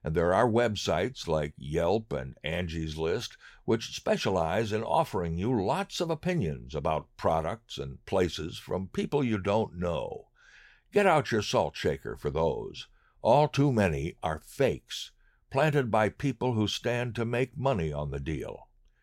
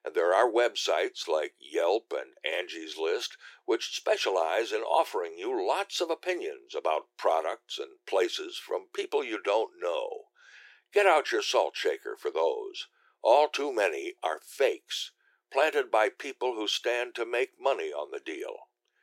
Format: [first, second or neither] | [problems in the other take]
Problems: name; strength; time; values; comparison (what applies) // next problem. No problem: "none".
first | thin; very; fading below 350 Hz